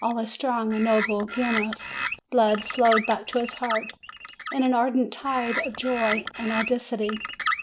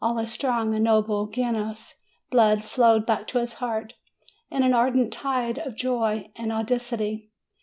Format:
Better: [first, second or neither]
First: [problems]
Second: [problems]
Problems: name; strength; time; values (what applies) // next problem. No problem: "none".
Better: second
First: background sound (Bird); 7 dB below the speech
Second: none